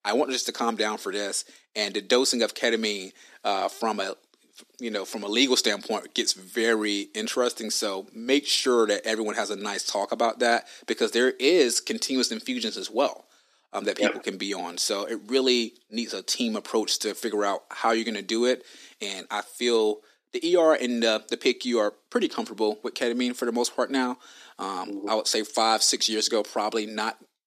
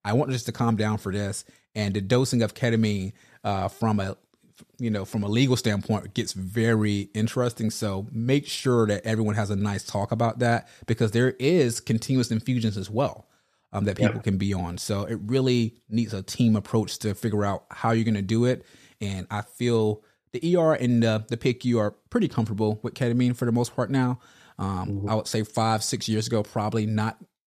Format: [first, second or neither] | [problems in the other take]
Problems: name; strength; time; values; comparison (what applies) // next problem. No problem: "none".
second | thin; somewhat; fading below 250 Hz